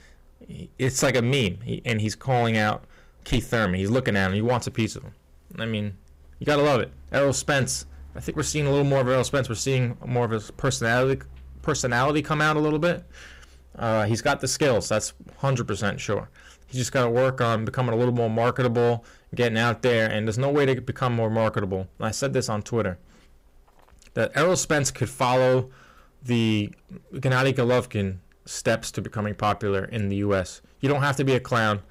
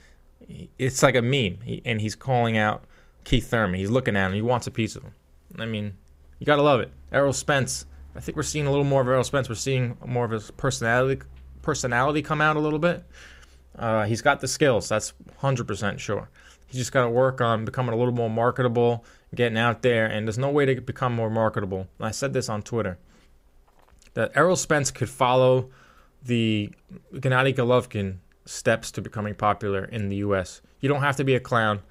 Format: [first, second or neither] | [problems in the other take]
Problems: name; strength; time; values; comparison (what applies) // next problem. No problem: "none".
second | distortion; slight; 7% of the sound clipped